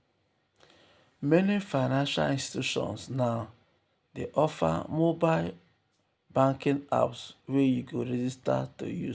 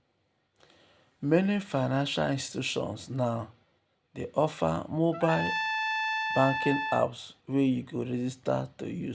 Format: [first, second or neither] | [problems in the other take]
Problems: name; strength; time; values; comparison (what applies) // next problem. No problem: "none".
first | background sound (Trumpet); 2 dB below the speech